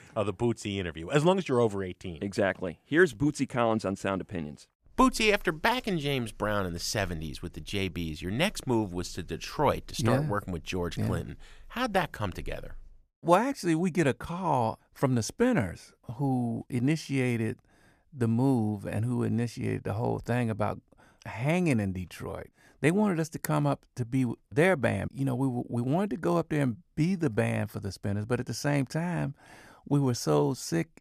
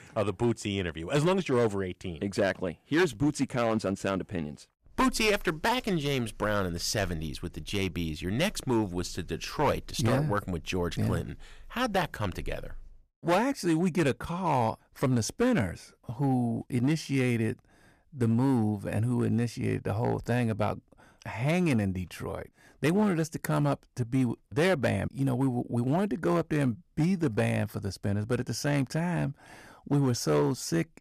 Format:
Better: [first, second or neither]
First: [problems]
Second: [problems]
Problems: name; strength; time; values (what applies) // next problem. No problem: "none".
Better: first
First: none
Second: distortion; slight; 4% of the sound clipped